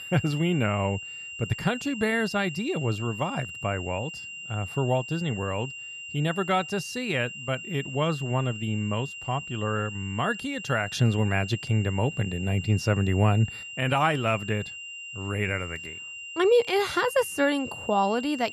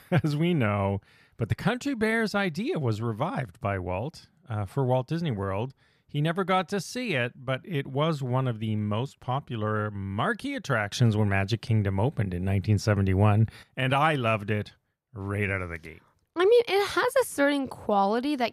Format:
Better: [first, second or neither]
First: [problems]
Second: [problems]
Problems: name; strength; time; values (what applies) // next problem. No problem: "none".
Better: second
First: high-pitched whine; loud; throughout; 3 kHz, 9 dB below the speech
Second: none